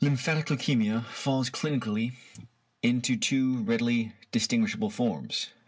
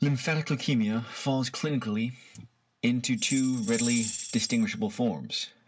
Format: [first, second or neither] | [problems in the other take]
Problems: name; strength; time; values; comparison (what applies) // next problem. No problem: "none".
first | background sound (Tambourine); 8 dB below the speech